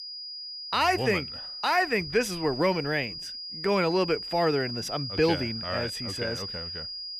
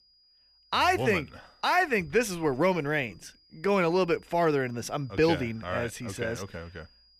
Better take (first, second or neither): second